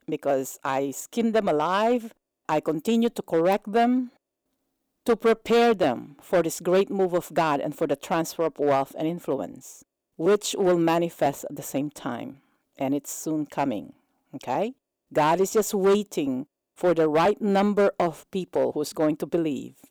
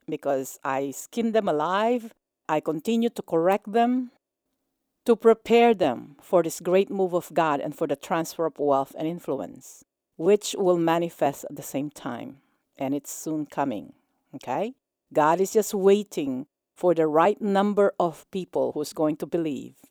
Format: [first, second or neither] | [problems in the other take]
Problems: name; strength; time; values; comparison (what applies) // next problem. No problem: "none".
second | distortion; slight; 4% of the sound clipped